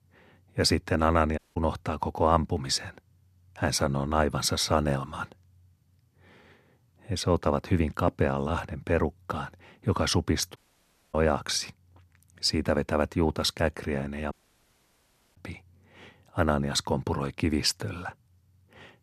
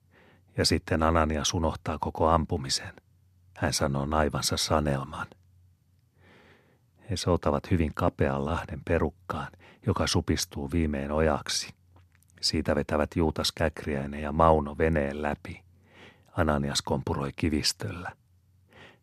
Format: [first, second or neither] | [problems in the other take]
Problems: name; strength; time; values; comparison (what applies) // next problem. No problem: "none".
second | audio cutting out; at 1.5 s, at 11 s for 0.5 s and at 14 s for 1 s